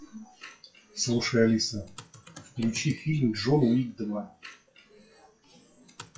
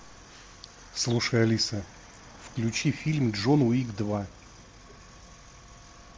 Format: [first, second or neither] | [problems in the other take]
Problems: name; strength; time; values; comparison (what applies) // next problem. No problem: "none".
second | noise reduction (classical method WPE with log-MMSE)